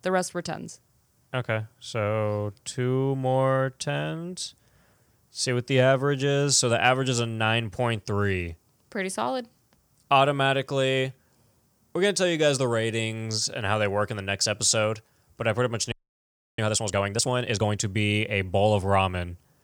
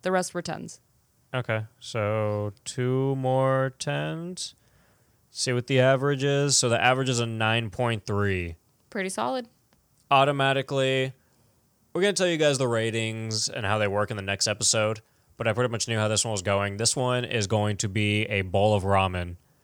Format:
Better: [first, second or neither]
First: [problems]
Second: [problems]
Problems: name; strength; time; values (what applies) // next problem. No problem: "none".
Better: second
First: audio freezing; at 16 s for 0.5 s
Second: none